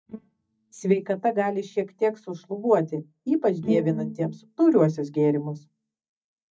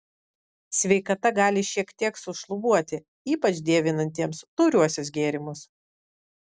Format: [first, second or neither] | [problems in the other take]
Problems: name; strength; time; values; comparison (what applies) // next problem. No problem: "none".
second | noise reduction (neural mask model DeepFilterNet 3)